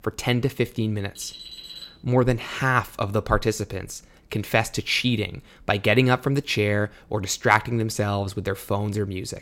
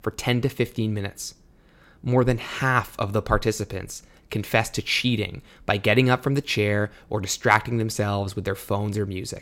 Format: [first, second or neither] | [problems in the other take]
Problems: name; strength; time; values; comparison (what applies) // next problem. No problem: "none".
second | alarm; faint; at 1 s; peak 15 dB below the speech